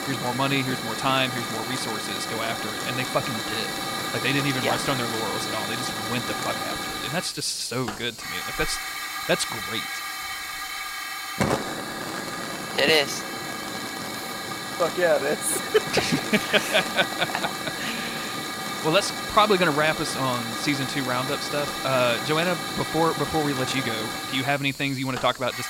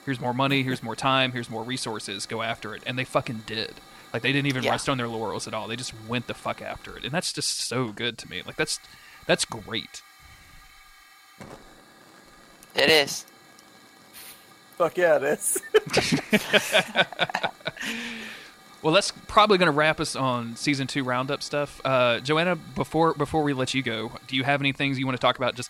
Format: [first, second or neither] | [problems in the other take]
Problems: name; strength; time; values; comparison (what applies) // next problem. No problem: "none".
second | hiss; loud; throughout; 4 dB below the speech; faint in the second